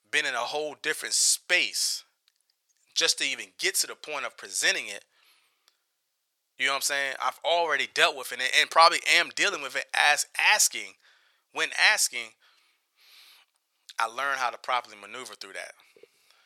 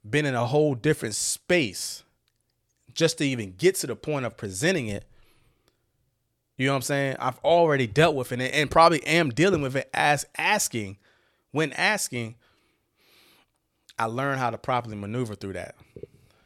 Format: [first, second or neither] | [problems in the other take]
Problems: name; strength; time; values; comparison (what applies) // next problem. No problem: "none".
second | thin; very; fading below 1 kHz